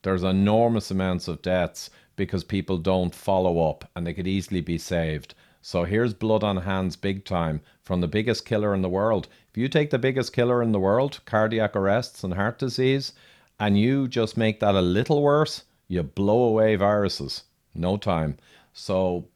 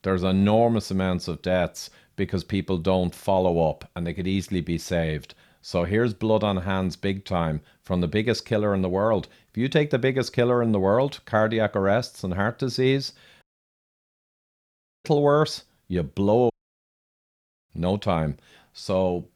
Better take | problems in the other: first | audio cutting out; at 13 s for 1.5 s and at 17 s for 1 s

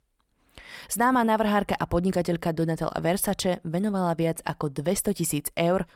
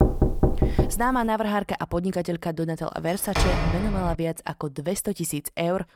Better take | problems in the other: first | door banging; loud; until 1 s and at 3.5 s; peak 5 dB above the speech

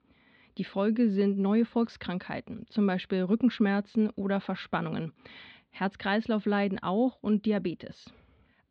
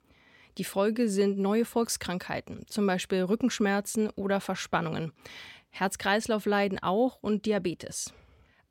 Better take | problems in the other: second | muffled; slightly; fading above 4 kHz

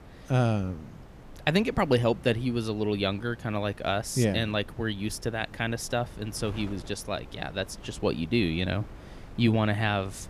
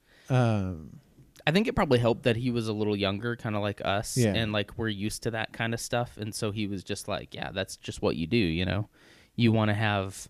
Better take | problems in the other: second | wind noise on the microphone; occasional gusts; 20 dB below the speech

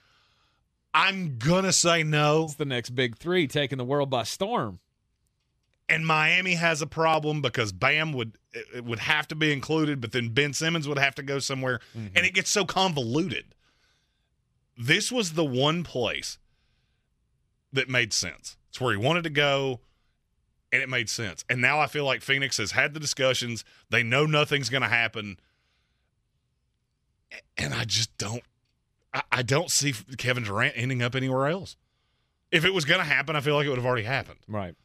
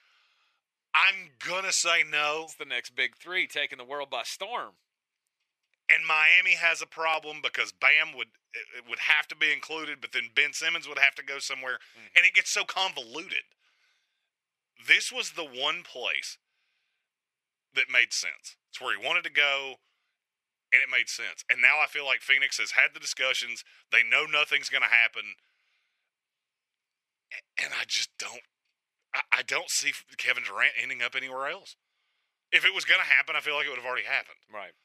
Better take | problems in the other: first | thin; very; fading below 700 Hz

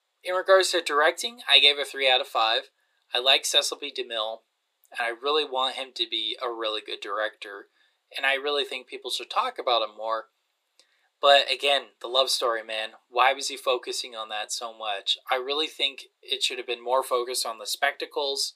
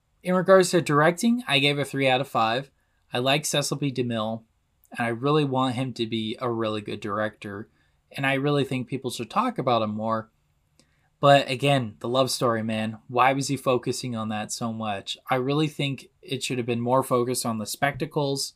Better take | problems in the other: second | thin; very; fading below 400 Hz

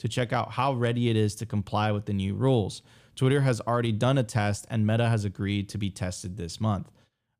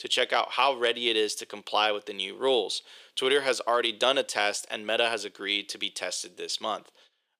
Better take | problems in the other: first | thin; very; fading below 400 Hz

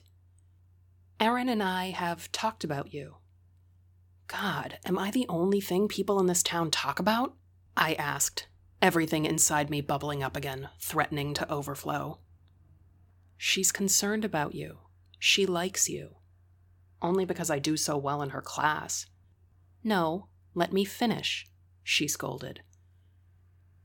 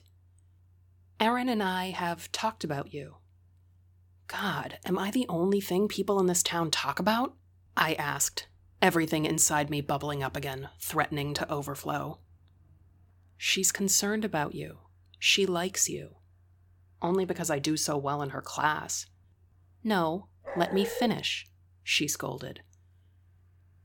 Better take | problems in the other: first | dog barking; noticeable; at 20 s; peak 6 dB below the speech

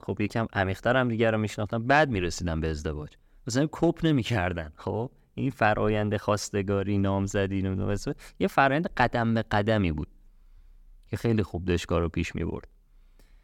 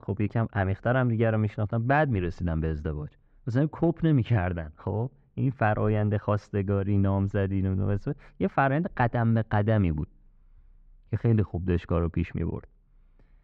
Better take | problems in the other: first | muffled; very; fading above 2 kHz

